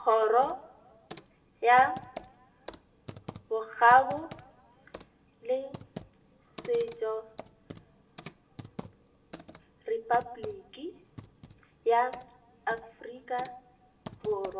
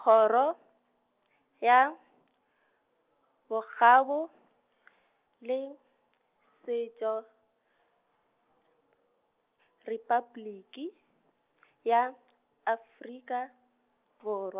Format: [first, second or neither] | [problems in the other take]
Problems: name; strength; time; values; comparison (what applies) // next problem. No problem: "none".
second | background sound (Computer keyboard); 18 dB below the speech // room echo; dies away in 0.8 s